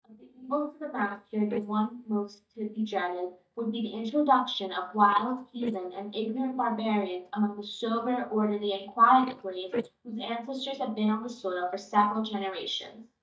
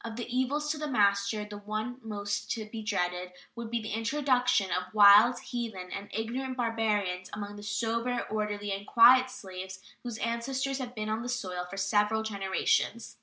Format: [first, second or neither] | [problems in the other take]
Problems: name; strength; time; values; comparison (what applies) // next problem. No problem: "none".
second | noise reduction (neural mask model DeepFilterNet 3)